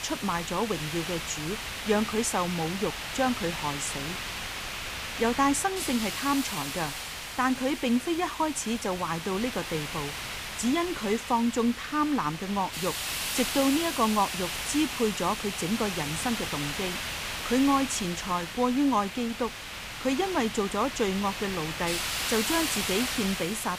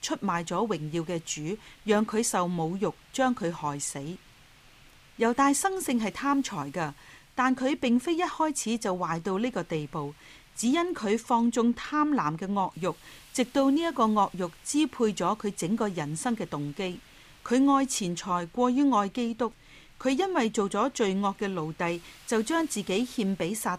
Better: second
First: hiss; loud; throughout; 4 dB below the speech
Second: hiss; faint; throughout; 25 dB below the speech

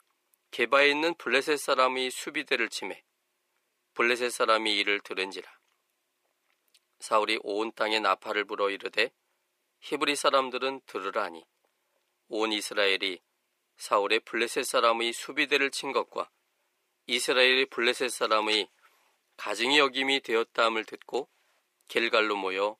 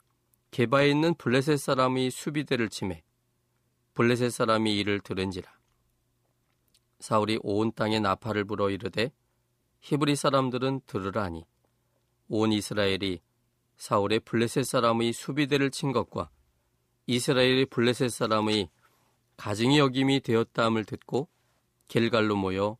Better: second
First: thin; somewhat; fading below 400 Hz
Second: none

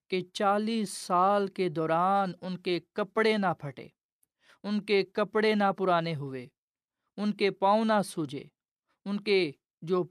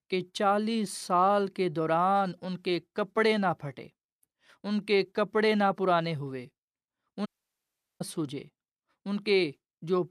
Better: first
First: none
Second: audio cutting out; at 7.5 s for 0.5 s

